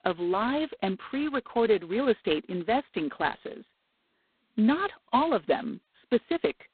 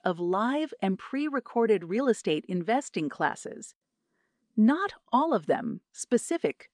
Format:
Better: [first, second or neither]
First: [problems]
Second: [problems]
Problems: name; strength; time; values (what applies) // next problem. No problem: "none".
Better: second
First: phone-call audio; poor line; nothing above 4 kHz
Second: none